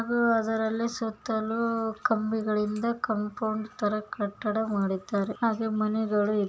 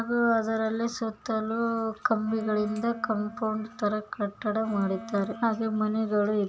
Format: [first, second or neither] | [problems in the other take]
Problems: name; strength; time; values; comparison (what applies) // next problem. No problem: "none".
first | background sound (Wind instrument, woodwind instrument); 16 dB below the speech